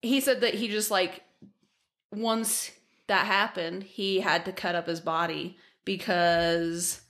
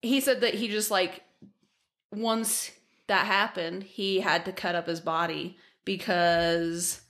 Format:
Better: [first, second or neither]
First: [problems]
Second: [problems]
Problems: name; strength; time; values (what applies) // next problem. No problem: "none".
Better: neither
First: none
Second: none